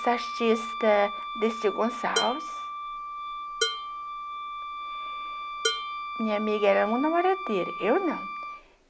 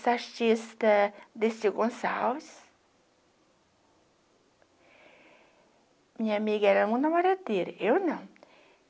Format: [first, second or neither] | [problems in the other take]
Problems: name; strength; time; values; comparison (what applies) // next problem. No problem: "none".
second | background sound (Wind instrument, woodwind instrument + Dishes, pots, and pans); 5 dB below the speech